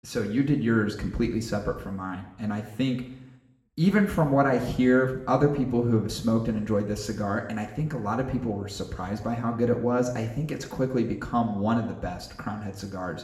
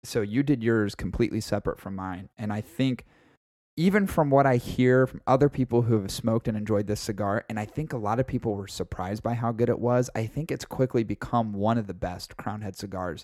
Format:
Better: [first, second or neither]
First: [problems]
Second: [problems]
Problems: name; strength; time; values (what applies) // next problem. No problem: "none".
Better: second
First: room echo; slight; dies away in 0.8 s // off-mic speech; somewhat distant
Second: none